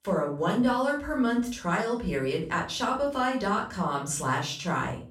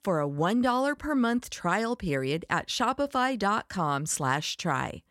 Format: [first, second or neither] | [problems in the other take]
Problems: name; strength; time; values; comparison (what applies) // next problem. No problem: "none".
second | off-mic speech; far // room echo; slight; dies away in 0.3 s